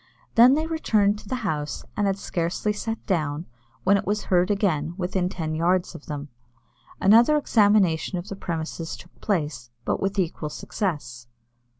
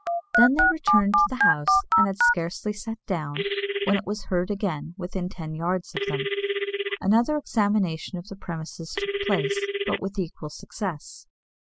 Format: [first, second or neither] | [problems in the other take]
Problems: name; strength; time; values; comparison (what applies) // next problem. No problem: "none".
first | noise reduction (classical method spectral subtraction)